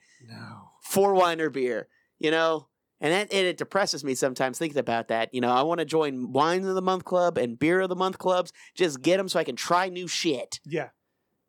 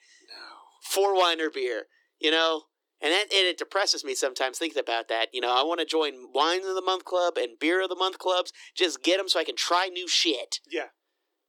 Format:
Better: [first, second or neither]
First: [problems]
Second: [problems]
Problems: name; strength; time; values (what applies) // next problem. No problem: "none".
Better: first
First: none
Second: thin; very; fading below 300 Hz